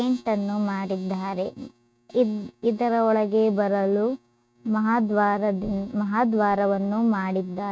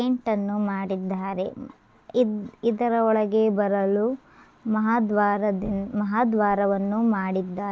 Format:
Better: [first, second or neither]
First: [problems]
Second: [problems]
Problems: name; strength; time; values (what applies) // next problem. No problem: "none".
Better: second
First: noise reduction (neural mask model RNNoise)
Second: none